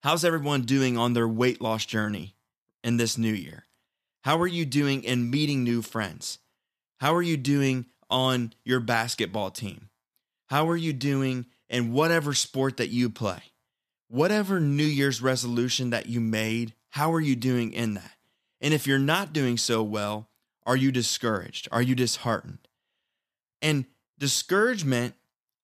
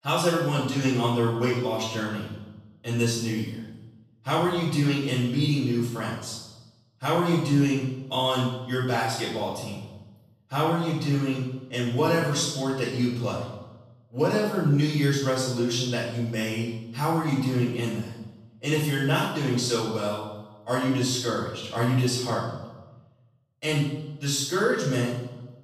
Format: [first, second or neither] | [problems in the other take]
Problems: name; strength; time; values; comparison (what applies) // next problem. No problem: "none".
first | off-mic speech; far // room echo; noticeable; dies away in 0.9 s